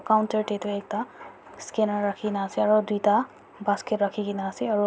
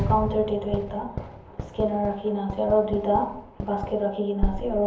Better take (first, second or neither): first